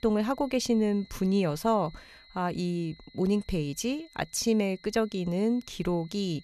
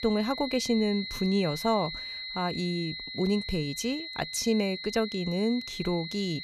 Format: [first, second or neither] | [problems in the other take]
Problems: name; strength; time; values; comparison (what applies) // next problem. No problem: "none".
first | high-pitched whine; loud; throughout; 4 kHz, 7 dB below the speech; faint in the first